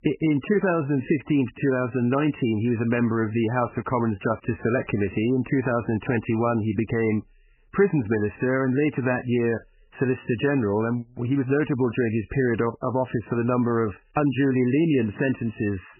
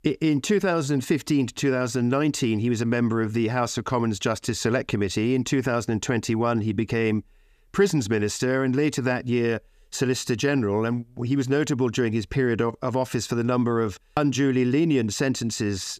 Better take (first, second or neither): second